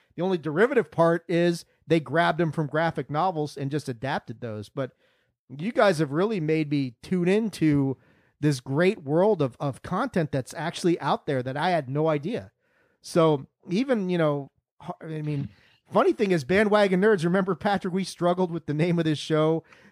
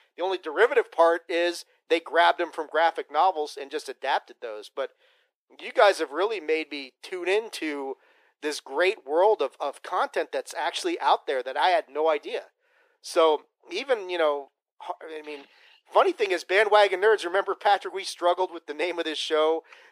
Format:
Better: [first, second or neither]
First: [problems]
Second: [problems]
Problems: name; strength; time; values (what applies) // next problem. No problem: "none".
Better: first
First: none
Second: thin; very; fading below 400 Hz